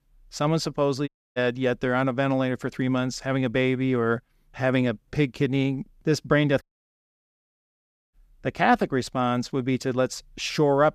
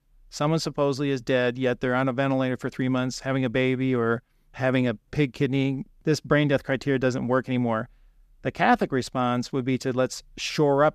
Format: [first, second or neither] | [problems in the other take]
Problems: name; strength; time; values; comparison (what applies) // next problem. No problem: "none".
second | audio cutting out; at 1 s and at 6.5 s for 1.5 s